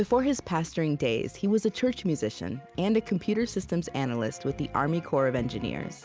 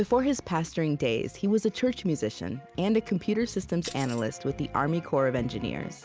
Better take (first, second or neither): first